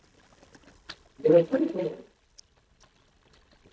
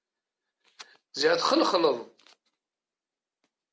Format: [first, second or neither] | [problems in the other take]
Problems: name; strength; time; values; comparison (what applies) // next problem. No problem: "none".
second | noise reduction (neural mask model DeepFilterNet 3)